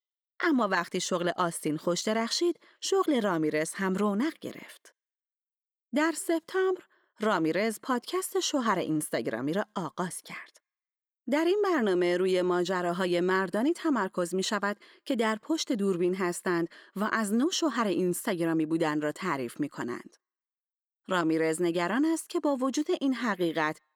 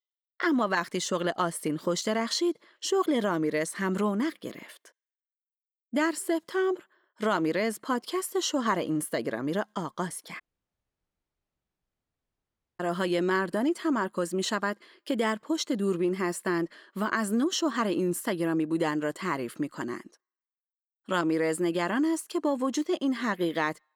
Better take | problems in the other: first | audio cutting out; at 10 s for 2.5 s

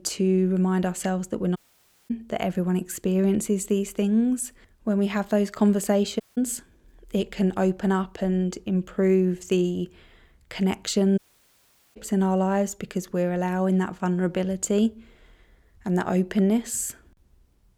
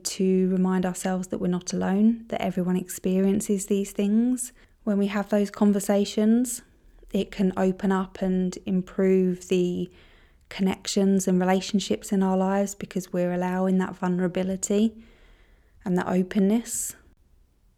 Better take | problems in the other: second | audio cutting out; at 1.5 s for 0.5 s, at 6 s and at 11 s for 1 s

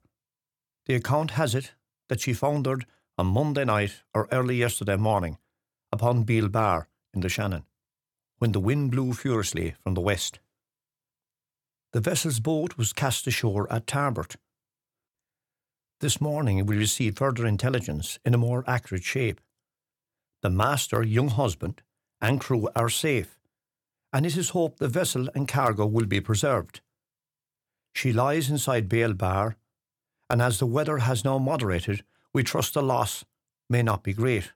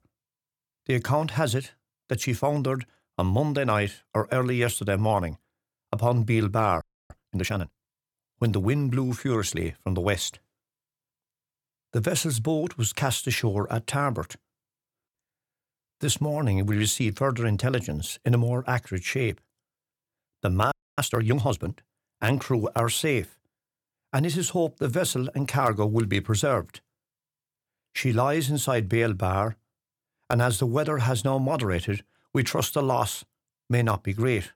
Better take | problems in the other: first | audio freezing; at 7 s and at 21 s

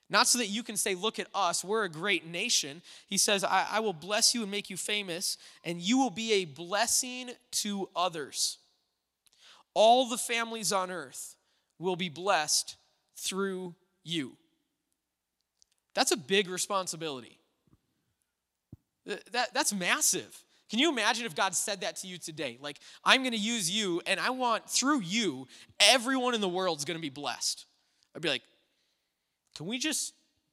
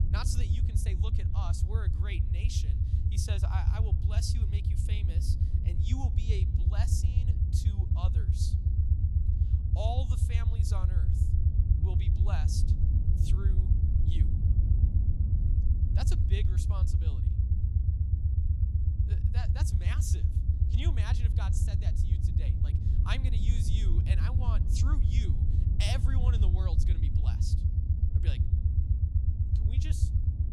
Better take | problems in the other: first | low rumble; loud; throughout; 1 dB below the speech

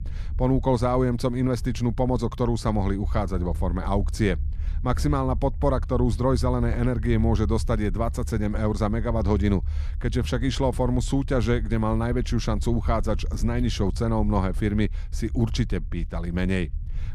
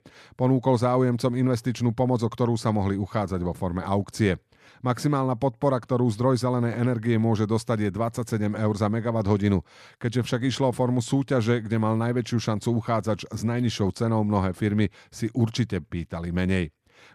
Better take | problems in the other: second | low rumble; faint; throughout; 20 dB below the speech

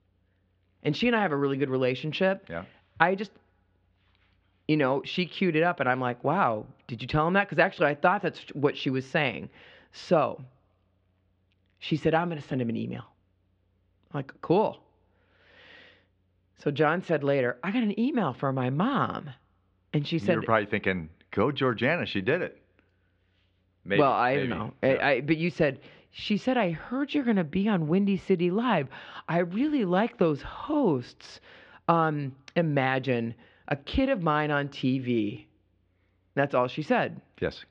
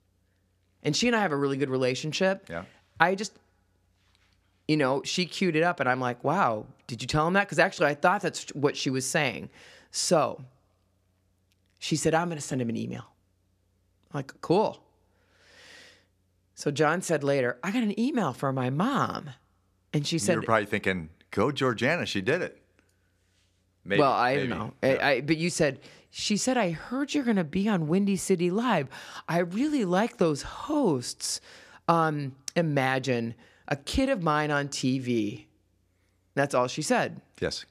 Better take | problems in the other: second | muffled; slightly; fading above 3.5 kHz

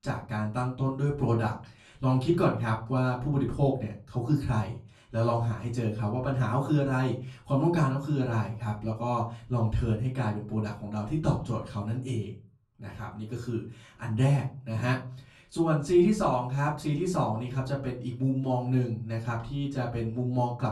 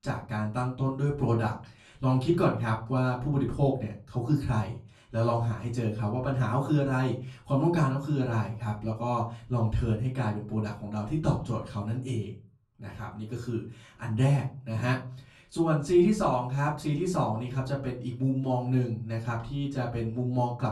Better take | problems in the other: neither | off-mic speech; far; the same in both // room echo; slight; dies away in 0.3 s; the same in both

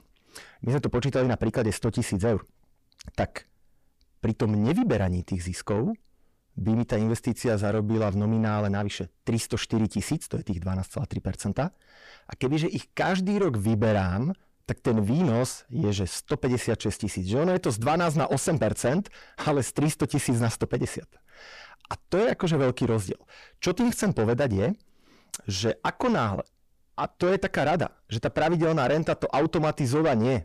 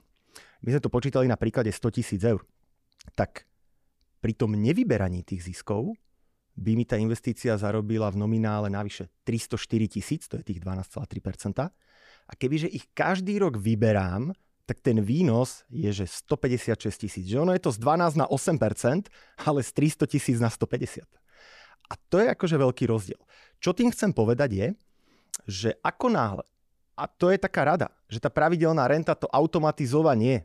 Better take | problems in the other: second | distortion; heavy; 7 dB below the speech

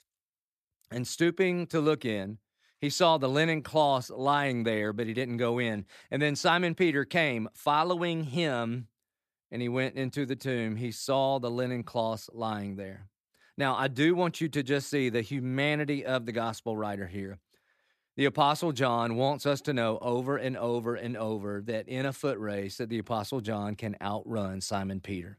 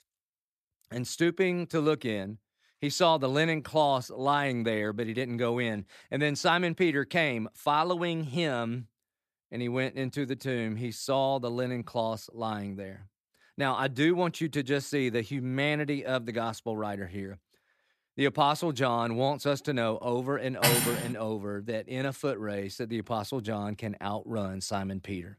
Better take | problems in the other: first | clattering dishes; loud; at 21 s; peak 5 dB above the speech

